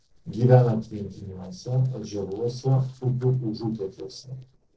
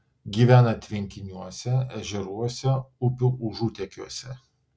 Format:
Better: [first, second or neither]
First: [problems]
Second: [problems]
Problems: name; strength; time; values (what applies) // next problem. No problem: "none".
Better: second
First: noise reduction (neural separator model SepFormer DNS4)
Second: none